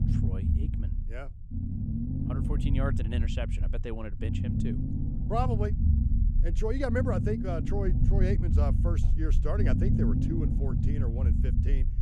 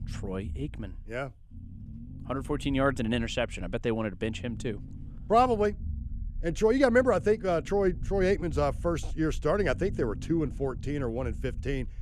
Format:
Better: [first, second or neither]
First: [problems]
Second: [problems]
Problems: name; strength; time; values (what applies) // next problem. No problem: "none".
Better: second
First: low rumble; loud; throughout; 4 dB below the speech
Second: low rumble; faint; throughout; 25 dB below the speech